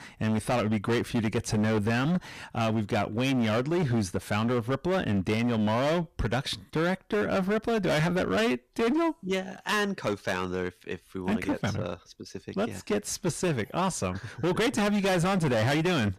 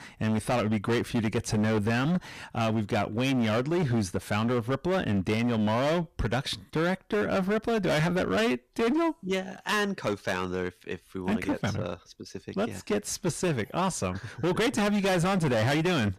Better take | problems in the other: neither | distortion; heavy; 21% of the sound clipped; the same in both

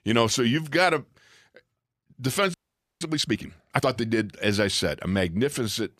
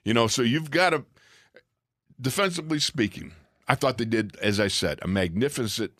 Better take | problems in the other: second | audio freezing; at 2.5 s

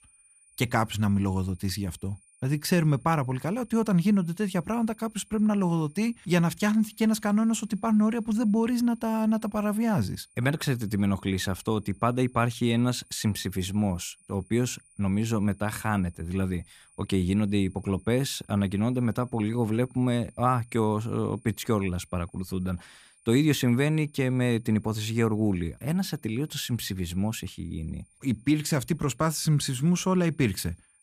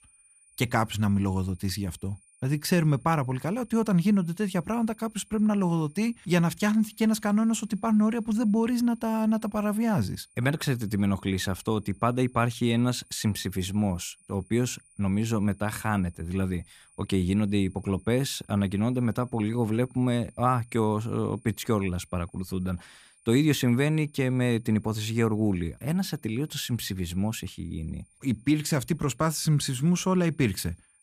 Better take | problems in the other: neither | high-pitched whine; faint; throughout; 9.5 kHz, 30 dB below the speech; the same in both

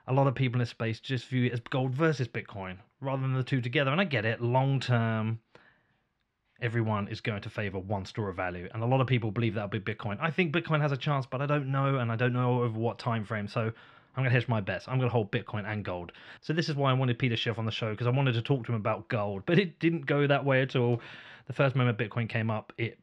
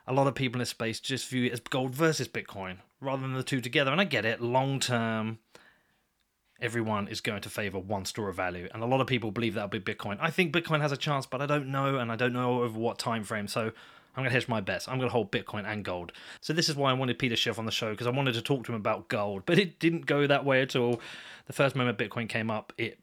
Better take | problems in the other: second | muffled; slightly; fading above 3 kHz

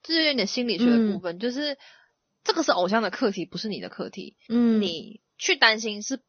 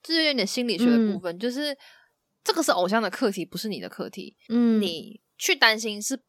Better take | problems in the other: second | garbled, watery; slightly; nothing above 6.5 kHz

